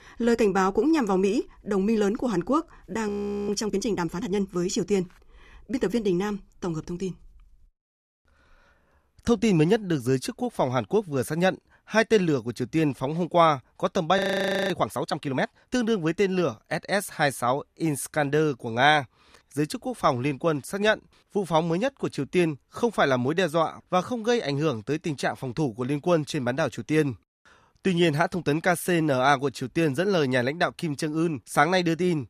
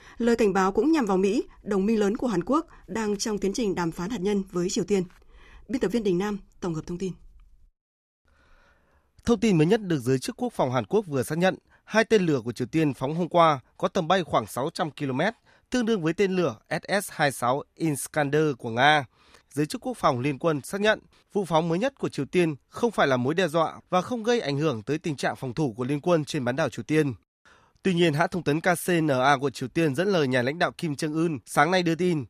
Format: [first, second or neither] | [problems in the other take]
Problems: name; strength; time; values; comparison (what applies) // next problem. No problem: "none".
second | audio freezing; at 3 s and at 14 s for 0.5 s